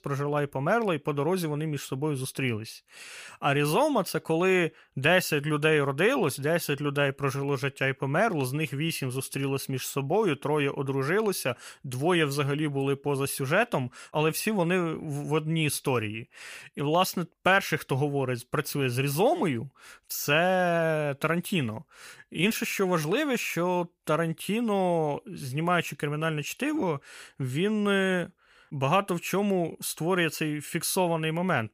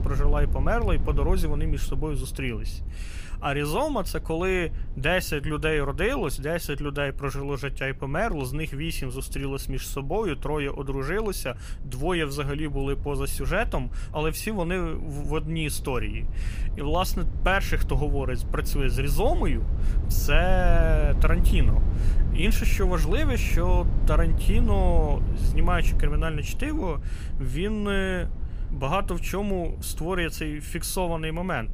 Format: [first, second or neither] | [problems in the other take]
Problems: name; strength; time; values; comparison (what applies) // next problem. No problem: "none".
first | low rumble; noticeable; throughout; 15 dB below the speech